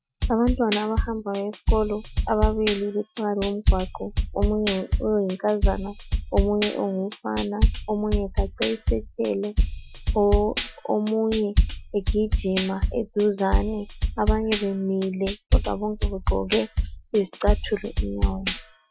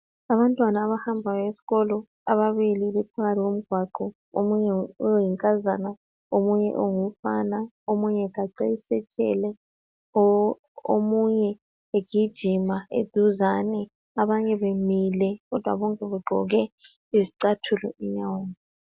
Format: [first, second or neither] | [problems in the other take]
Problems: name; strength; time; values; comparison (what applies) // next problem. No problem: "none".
second | noise reduction (classical method Wiener filter)